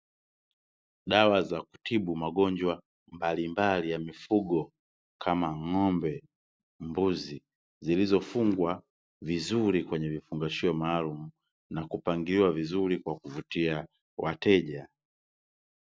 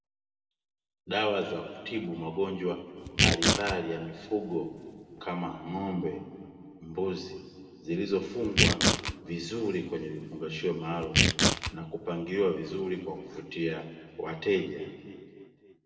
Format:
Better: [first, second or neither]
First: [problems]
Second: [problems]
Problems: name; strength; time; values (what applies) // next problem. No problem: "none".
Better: first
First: none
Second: background sound (Tearing); 3 dB above the speech // room echo; dies away in 1.9 s